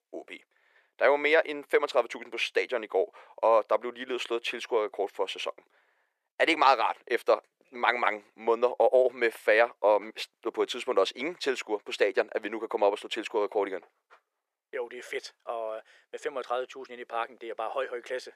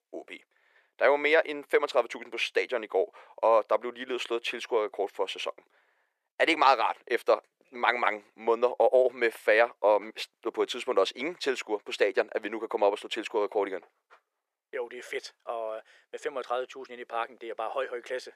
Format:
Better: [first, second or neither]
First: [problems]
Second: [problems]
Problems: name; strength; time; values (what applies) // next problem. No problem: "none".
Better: neither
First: thin; very; fading below 450 Hz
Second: thin; very; fading below 450 Hz